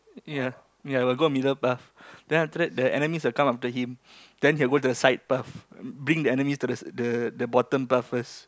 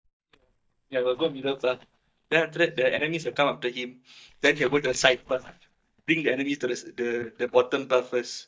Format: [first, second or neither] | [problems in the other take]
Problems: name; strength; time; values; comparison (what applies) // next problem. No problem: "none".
first | noise reduction (neural mask model DeepFilterNet 3)